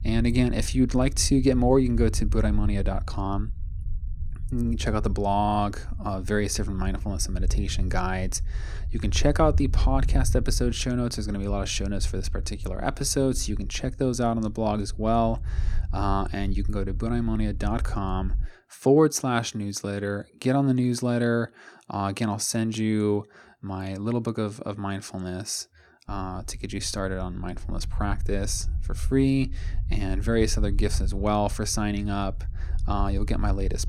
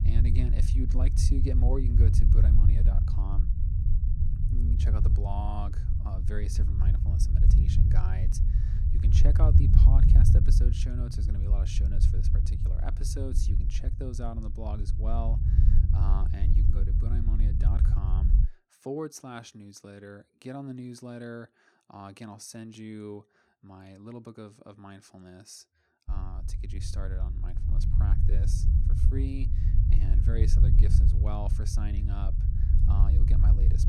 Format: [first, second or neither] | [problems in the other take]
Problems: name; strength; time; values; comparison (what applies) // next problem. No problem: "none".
first | low rumble; loud; until 18 s and from 26 s on; as loud as the speech; faint in the first